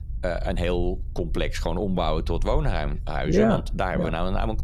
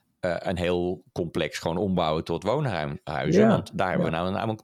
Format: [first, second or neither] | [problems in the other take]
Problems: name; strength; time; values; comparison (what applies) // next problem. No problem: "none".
second | low rumble; faint; throughout; 25 dB below the speech